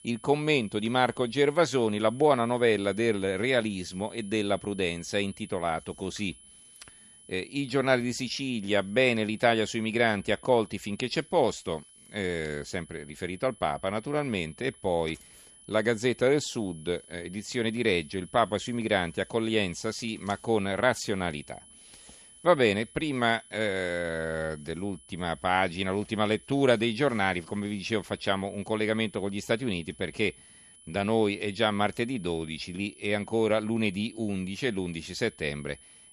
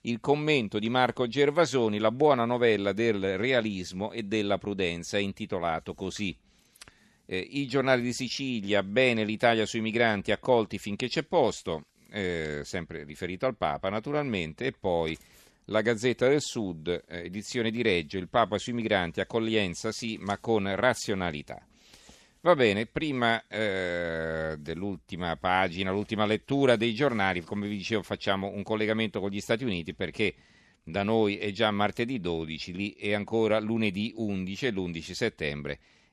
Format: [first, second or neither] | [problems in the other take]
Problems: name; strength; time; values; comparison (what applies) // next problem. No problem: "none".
second | high-pitched whine; faint; throughout; 10 kHz, 25 dB below the speech